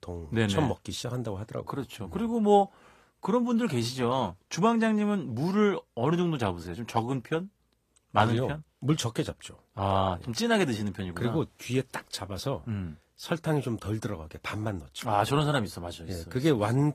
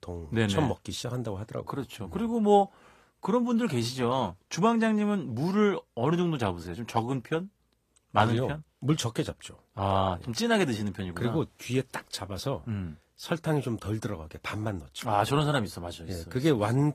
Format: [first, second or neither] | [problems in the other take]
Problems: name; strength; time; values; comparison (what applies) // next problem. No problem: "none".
neither | garbled, watery; slightly; nothing above 15 kHz; the same in both